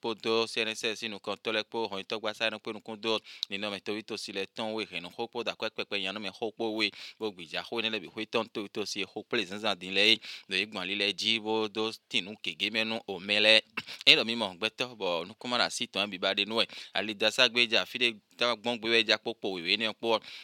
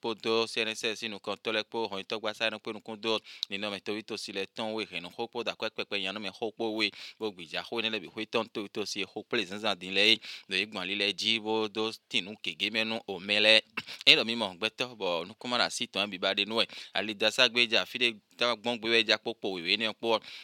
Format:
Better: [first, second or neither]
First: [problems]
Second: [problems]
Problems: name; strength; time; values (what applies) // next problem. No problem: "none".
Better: neither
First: thin; very slightly; fading below 1 kHz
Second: thin; very slightly; fading below 1 kHz